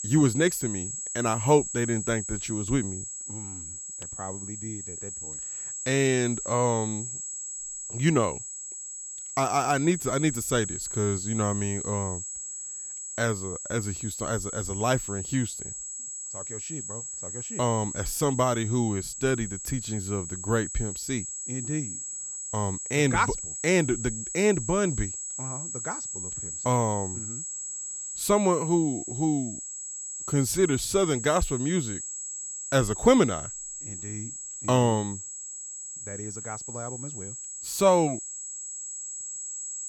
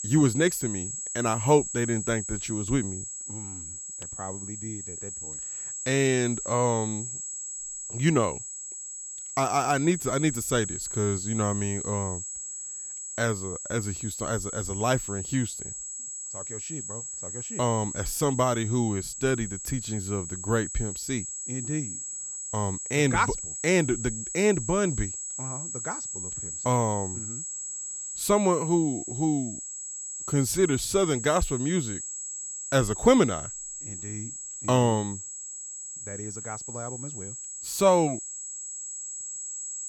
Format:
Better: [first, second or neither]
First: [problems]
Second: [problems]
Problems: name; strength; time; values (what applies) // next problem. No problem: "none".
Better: neither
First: high-pitched whine; loud; throughout; 7.5 kHz, 6 dB below the speech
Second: high-pitched whine; loud; throughout; 7.5 kHz, 6 dB below the speech